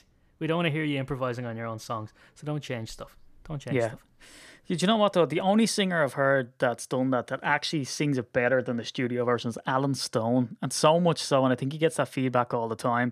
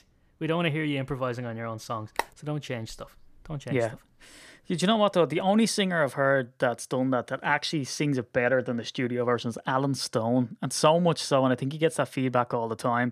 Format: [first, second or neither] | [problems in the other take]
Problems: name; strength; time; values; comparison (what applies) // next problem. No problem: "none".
first | phone ringing; very faint; at 2 s; peak 7 dB below the speech